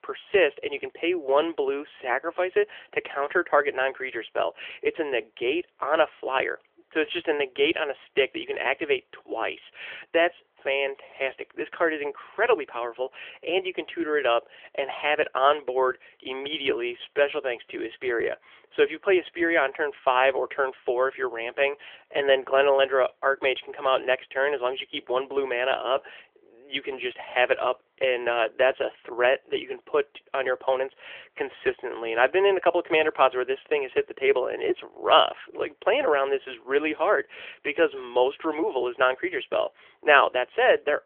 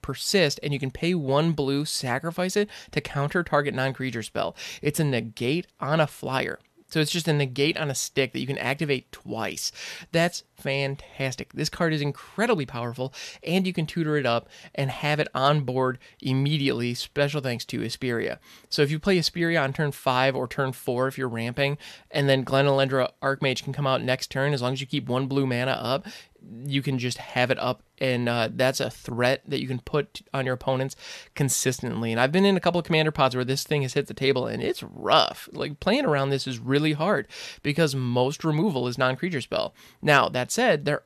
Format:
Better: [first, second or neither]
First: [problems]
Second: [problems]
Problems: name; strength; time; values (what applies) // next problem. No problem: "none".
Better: second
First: phone-call audio; nothing above 3.5 kHz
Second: none